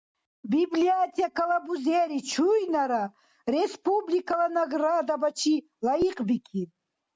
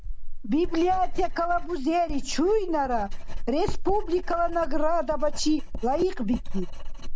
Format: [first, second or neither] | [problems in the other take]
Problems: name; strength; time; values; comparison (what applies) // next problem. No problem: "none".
first | background sound (Writing); 1 dB below the speech